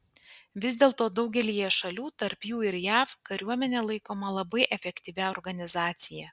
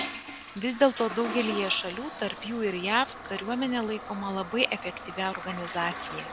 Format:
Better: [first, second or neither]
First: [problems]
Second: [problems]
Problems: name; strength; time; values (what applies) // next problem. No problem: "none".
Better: first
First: none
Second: background sound (Toilet flush); 9 dB below the speech